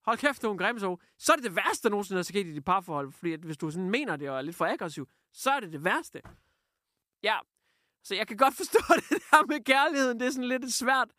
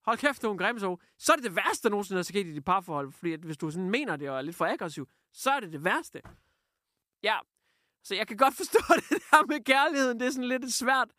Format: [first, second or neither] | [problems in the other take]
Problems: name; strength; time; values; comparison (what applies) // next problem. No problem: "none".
neither | none